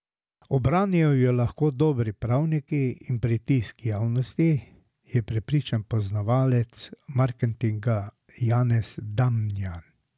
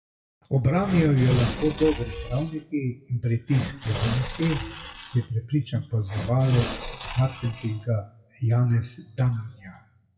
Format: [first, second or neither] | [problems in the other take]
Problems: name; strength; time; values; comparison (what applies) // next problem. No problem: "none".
first | noise reduction (classical method WPE with log-MMSE)